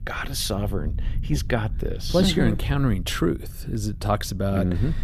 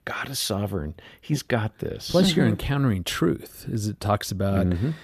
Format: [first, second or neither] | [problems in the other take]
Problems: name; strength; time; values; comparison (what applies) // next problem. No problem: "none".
second | low rumble; faint; throughout; 20 dB below the speech